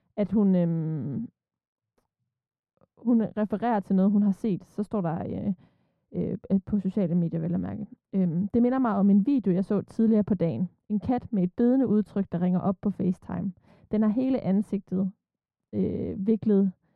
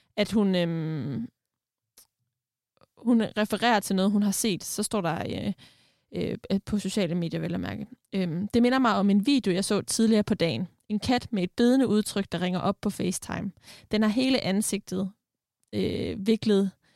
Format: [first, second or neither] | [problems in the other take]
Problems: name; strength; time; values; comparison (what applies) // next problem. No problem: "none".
second | muffled; very; fading above 2 kHz